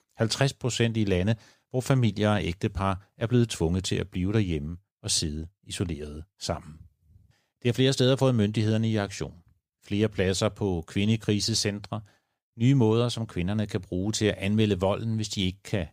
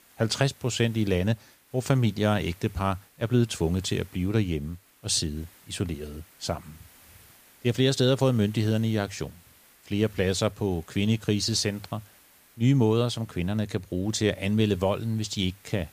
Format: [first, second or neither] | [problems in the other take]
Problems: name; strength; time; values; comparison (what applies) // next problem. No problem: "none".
first | hiss; faint; throughout; 25 dB below the speech